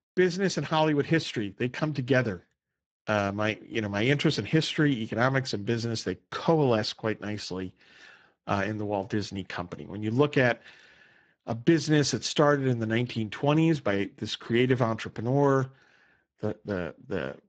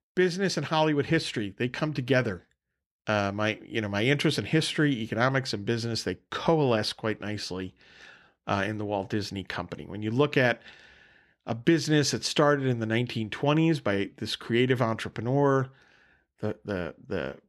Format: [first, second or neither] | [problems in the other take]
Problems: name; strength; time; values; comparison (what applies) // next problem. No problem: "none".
second | garbled, watery; badly; nothing above 7.5 kHz